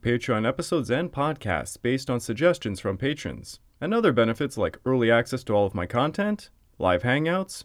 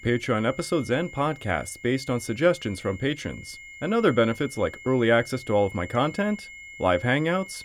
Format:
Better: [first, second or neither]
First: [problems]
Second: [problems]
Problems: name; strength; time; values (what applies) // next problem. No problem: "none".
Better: first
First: none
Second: high-pitched whine; noticeable; throughout; 2 kHz, 15 dB below the speech